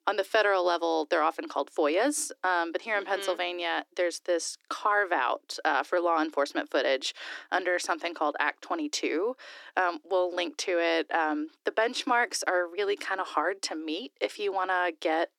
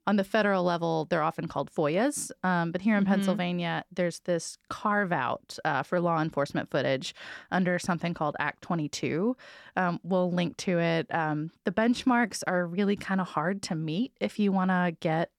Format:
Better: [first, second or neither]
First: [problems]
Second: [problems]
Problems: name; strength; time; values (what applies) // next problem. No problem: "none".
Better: second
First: thin; very; fading below 300 Hz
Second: none